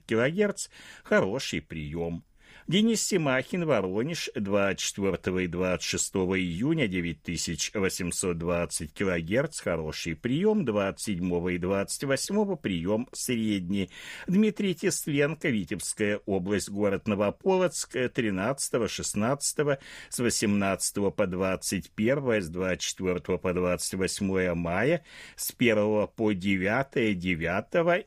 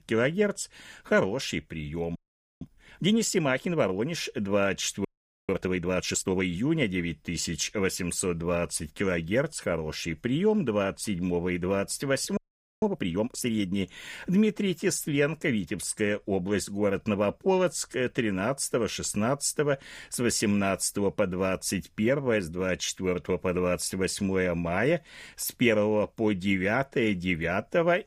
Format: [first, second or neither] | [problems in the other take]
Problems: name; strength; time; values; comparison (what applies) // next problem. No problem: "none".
first | audio freezing; at 2 s, at 5 s and at 12 s